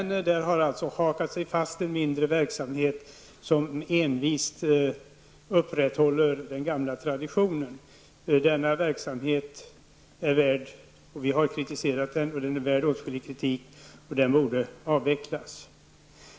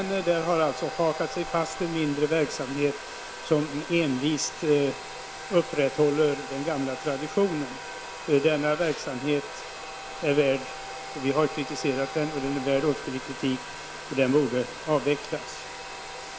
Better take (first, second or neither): first